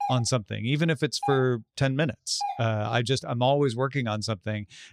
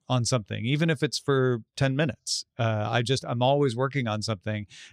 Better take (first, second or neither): second